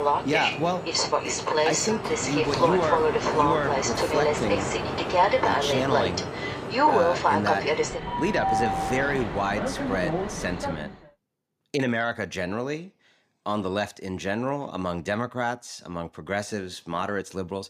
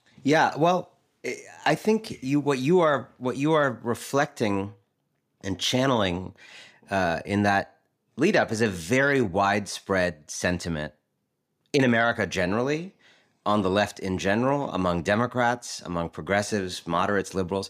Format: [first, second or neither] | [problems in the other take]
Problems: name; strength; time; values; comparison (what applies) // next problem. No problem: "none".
second | train or aircraft noise; very loud; until 11 s; 4 dB above the speech